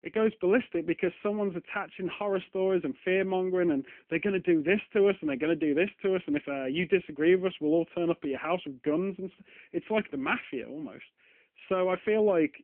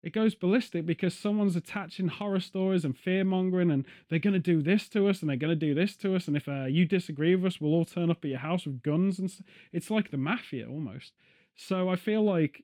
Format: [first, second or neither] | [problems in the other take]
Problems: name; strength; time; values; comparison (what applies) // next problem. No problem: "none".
second | phone-call audio